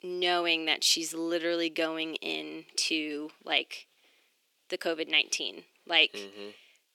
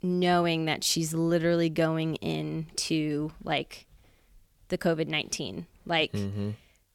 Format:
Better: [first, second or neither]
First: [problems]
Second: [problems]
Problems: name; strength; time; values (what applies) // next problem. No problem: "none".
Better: second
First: thin; somewhat; fading below 350 Hz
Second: none